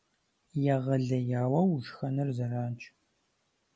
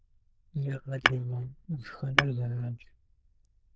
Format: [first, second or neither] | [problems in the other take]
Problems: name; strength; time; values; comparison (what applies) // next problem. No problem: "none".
first | noise reduction (neural diffusion model UNIVERSE++)